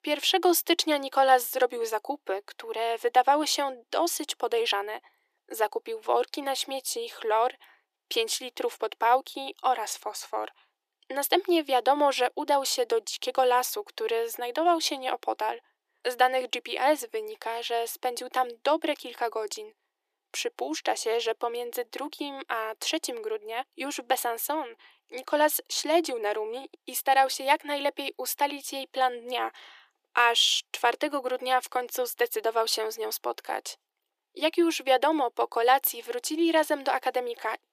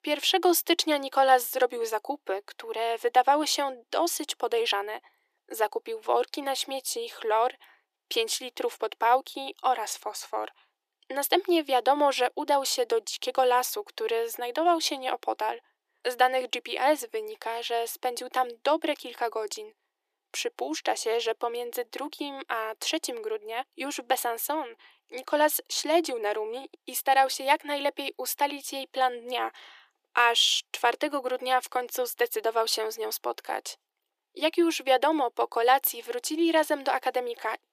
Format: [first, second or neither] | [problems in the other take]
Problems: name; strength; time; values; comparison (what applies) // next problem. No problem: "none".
neither | thin; very; fading below 350 Hz; the same in both